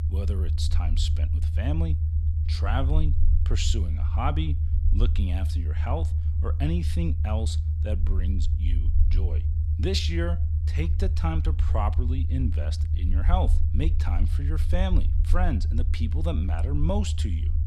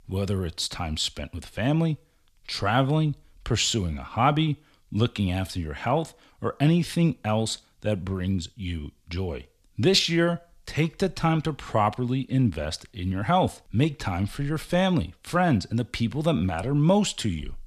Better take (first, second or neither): second